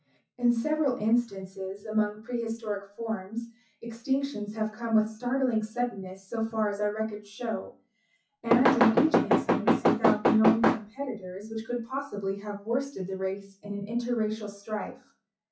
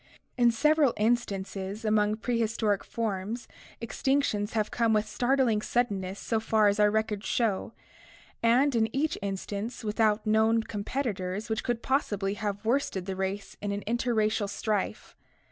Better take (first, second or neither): second